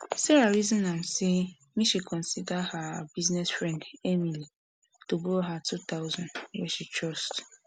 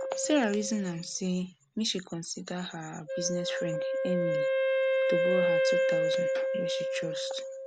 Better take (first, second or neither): first